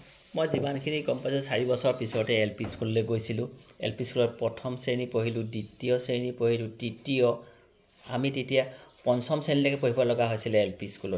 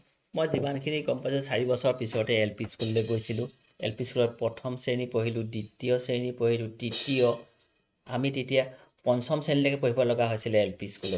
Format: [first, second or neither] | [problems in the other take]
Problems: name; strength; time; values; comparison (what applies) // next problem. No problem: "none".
first | noise reduction (neural mask model RNNoise)